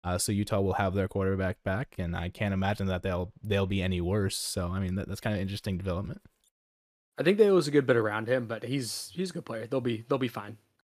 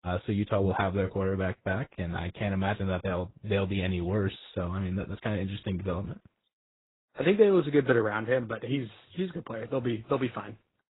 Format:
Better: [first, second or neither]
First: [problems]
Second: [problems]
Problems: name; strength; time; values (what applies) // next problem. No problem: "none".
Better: first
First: none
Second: garbled, watery; badly; nothing above 4 kHz